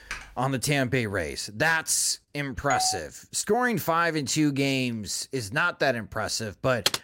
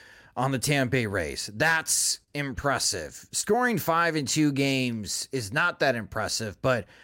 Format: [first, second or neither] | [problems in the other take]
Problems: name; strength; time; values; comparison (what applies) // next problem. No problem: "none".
second | keyboard typing; faint; at the start; peak 10 dB below the speech // doorbell; noticeable; at 2.5 s; peak 4 dB below the speech // keyboard typing; noticeable; at 6.5 s; peak 1 dB below the speech